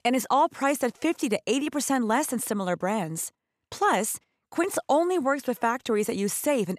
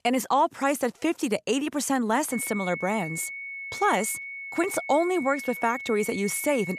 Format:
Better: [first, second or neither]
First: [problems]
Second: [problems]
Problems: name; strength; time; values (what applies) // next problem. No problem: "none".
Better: first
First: none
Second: high-pitched whine; loud; from 2.5 s on; 2 kHz, 8 dB below the speech